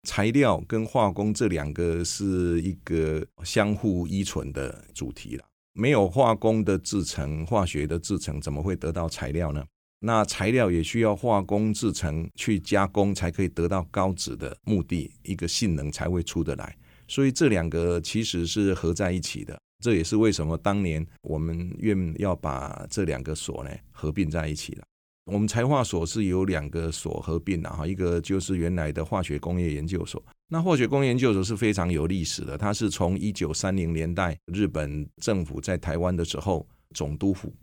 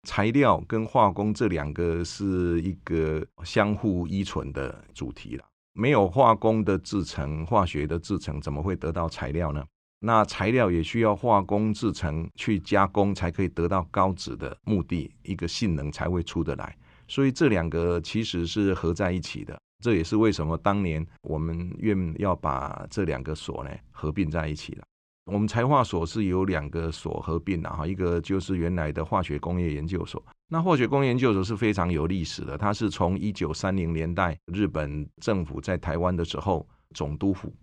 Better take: first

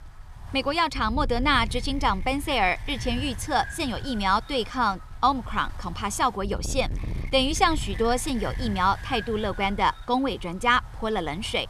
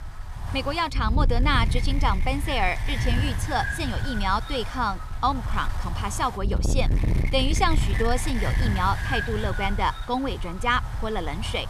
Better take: first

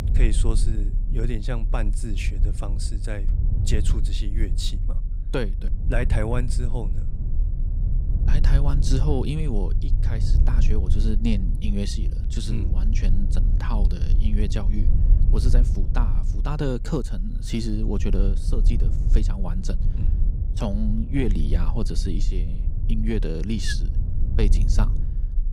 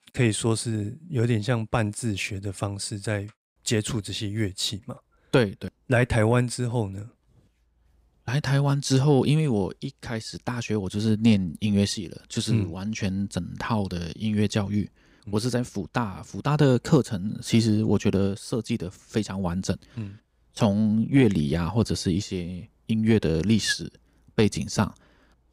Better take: second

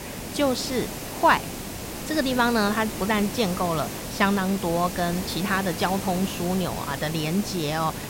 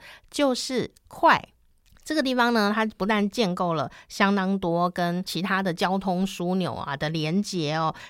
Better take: second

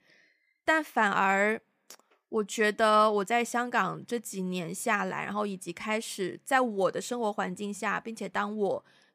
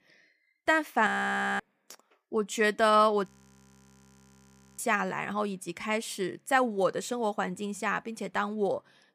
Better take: first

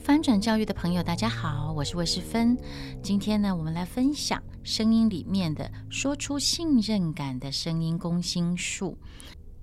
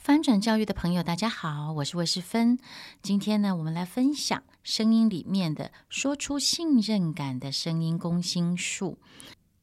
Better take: second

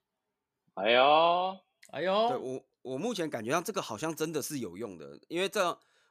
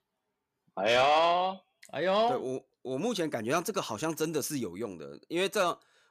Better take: first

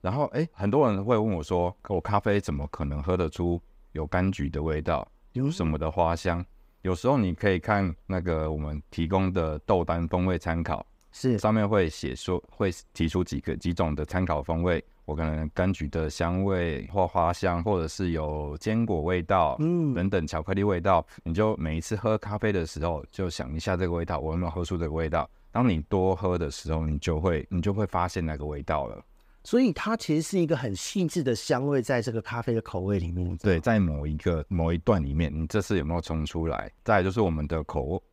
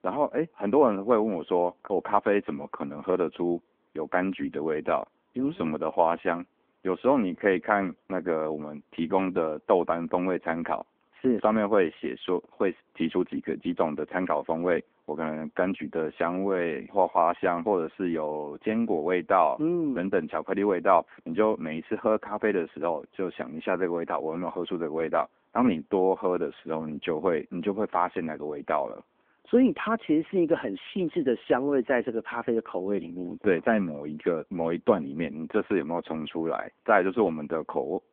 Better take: first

